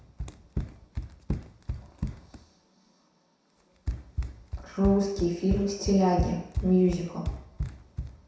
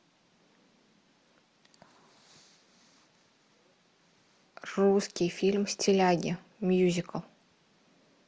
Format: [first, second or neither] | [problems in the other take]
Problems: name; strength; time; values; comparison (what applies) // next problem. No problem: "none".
second | background sound (Run); 5 dB below the speech // room echo; dies away in 0.7 s